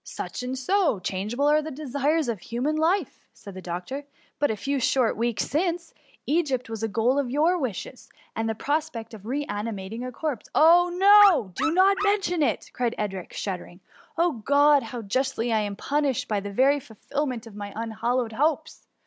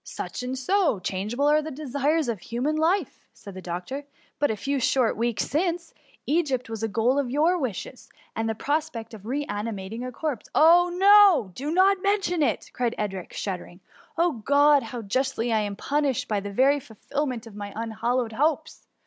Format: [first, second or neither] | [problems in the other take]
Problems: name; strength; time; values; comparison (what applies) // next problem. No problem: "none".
second | background sound (Dog); 8 dB below the speech